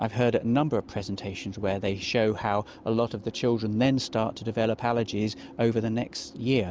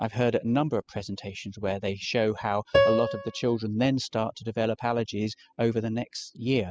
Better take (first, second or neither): first